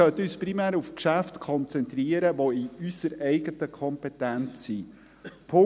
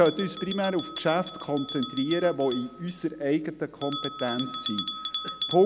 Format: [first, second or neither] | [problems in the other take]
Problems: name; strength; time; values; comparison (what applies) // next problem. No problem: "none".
first | background sound (Bell); 9 dB below the speech